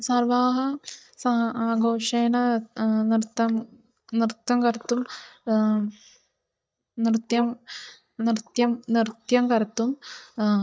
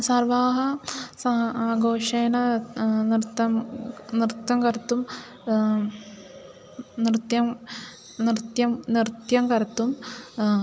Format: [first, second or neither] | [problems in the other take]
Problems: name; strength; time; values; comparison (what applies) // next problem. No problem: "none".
second | noise reduction (neural mask model DeepFilterNet 3)